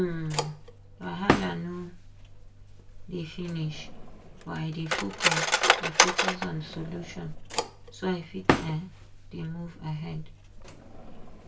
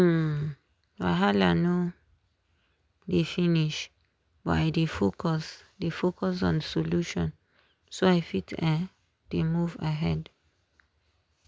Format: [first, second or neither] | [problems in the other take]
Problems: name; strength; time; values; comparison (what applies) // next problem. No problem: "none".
second | background sound (Cutlery, silverware); 5 dB above the speech // room echo; dies away in 0.2 s